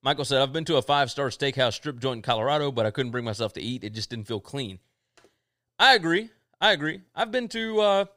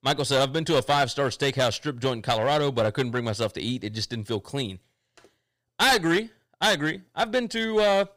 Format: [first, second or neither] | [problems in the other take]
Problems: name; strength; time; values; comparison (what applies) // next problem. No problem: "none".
first | distortion; heavy; 6% of the sound clipped